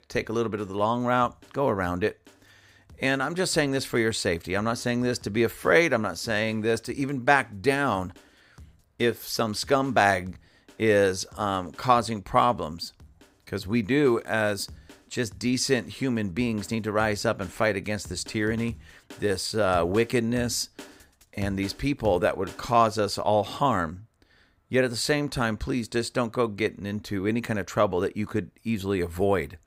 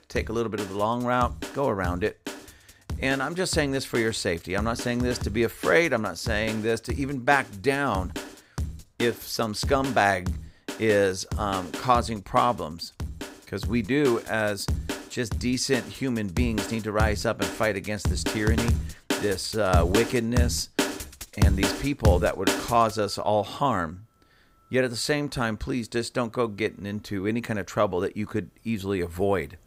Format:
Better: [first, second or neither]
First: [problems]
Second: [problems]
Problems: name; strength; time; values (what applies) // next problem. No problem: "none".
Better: first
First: background music; faint; throughout; 25 dB below the speech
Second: background music; loud; throughout; 5 dB below the speech